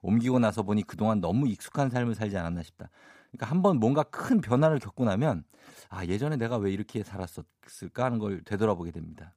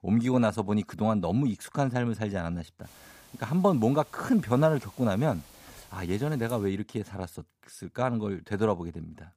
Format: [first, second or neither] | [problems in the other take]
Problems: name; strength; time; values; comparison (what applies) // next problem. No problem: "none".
first | hiss; faint; from 3 to 6.5 s; 25 dB below the speech